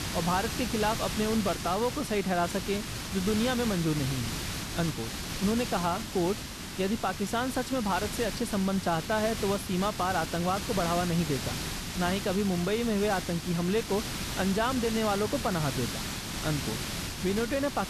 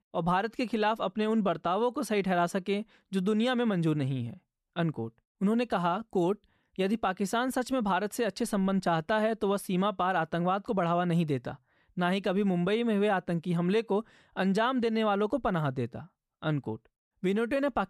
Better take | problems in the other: second | hiss; loud; throughout; 5 dB below the speech

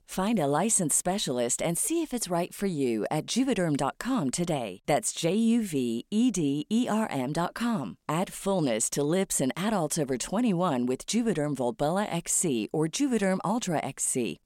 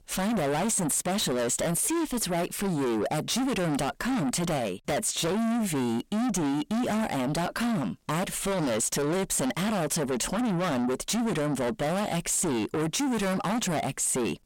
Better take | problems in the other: first | distortion; heavy; 5 dB below the speech

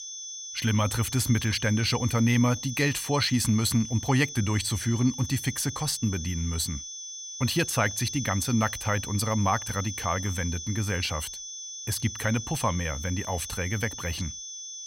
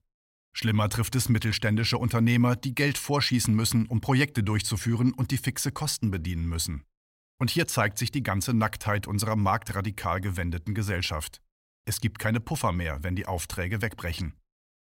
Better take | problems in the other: second | high-pitched whine; loud; throughout; 6 kHz, 8 dB below the speech

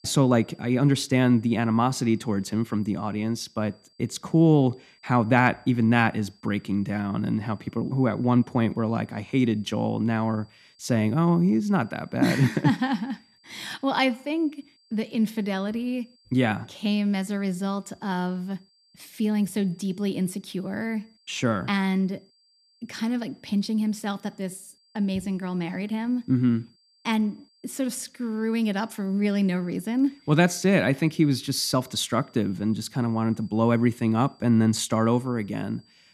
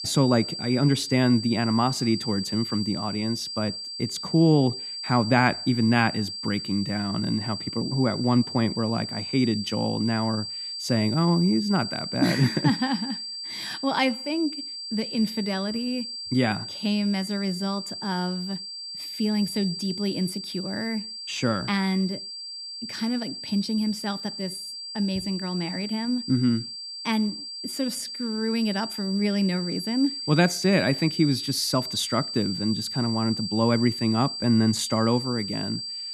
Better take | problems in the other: first | high-pitched whine; loud; throughout; 4.5 kHz, 6 dB below the speech; faint in the first

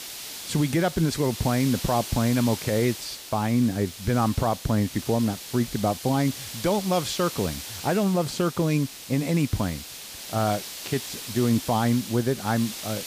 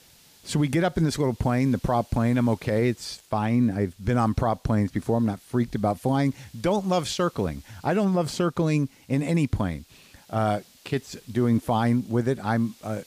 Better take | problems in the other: second | hiss; loud; throughout; 10 dB below the speech; faint in the second

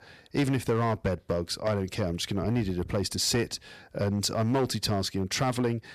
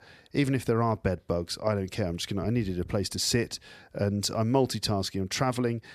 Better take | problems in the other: second | distortion; slight; 5% of the sound clipped

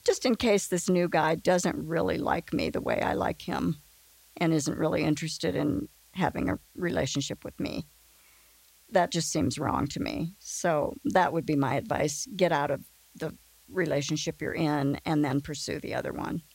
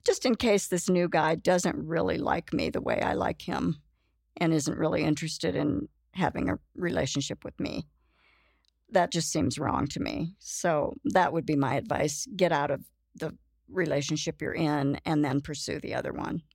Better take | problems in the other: second | hiss; faint; throughout; 25 dB below the speech

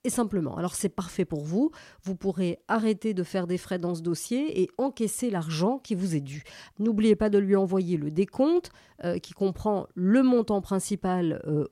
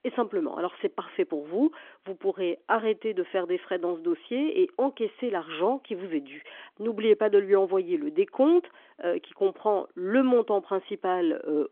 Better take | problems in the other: first | phone-call audio; nothing above 3.5 kHz

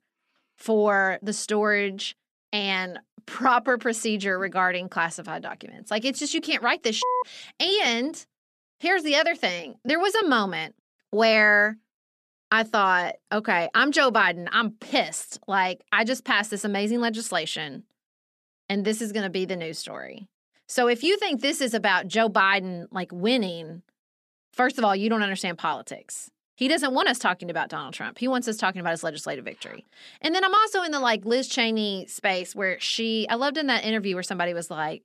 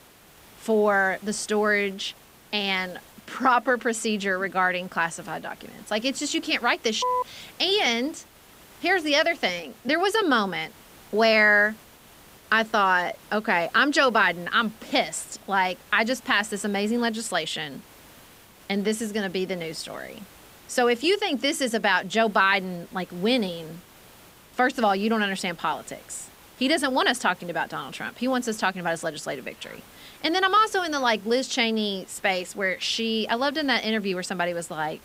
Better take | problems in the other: first | hiss; faint; throughout; 25 dB below the speech

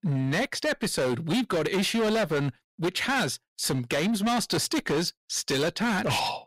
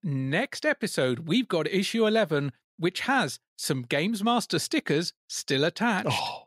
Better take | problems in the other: second | distortion; heavy; 22% of the sound clipped

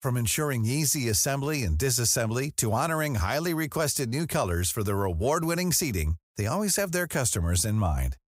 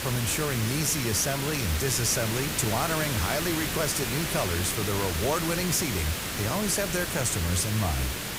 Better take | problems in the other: first | hiss; loud; throughout; 2 dB below the speech

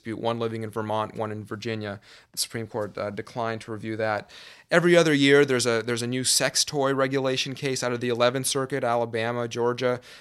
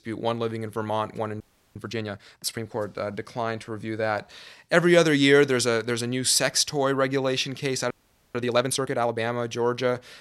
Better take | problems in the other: first | audio freezing; at 1.5 s and at 8 s

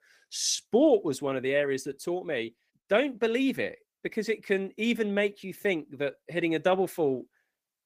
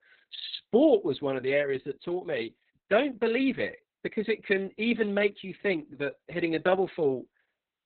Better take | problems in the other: first | garbled, watery; badly; nothing above 4 kHz; slightly in the first

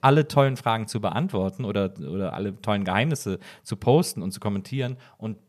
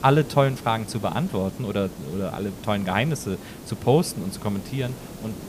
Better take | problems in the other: first | hiss; noticeable; throughout; 15 dB below the speech

